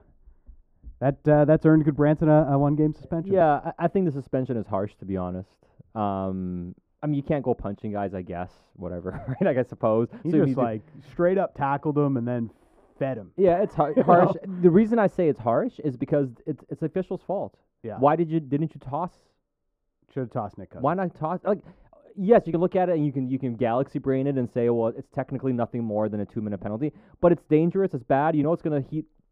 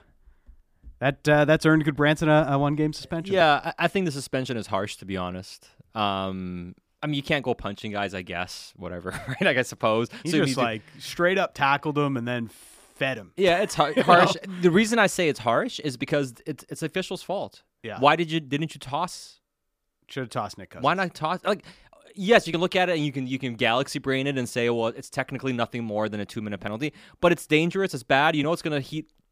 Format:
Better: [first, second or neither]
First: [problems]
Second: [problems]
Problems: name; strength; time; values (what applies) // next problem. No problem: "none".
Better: second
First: muffled; very; fading above 2 kHz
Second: none